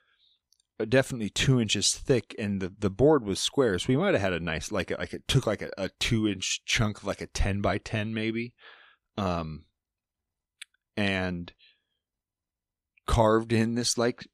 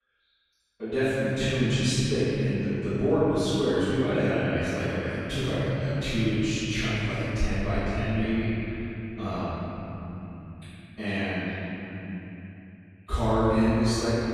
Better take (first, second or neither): first